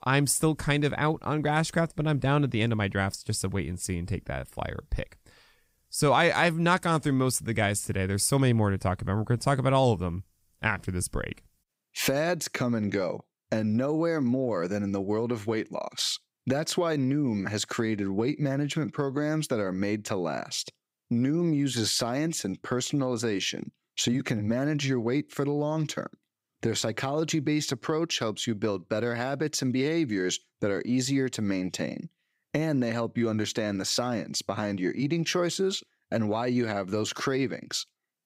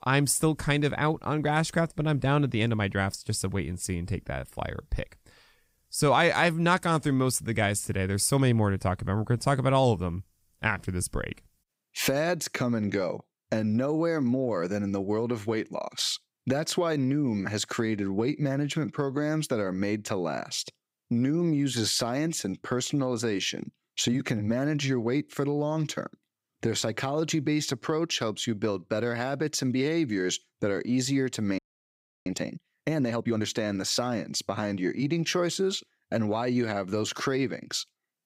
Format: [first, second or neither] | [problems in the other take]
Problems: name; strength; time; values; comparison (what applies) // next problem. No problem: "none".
first | audio freezing; at 32 s for 0.5 s